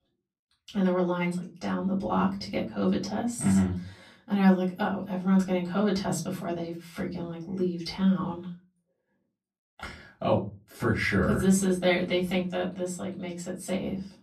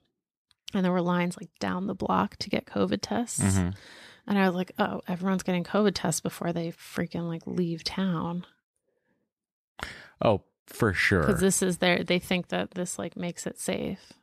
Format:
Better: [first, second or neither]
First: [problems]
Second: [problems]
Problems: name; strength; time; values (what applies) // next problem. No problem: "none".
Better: second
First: off-mic speech; far // room echo; very slight; dies away in 0.3 s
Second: none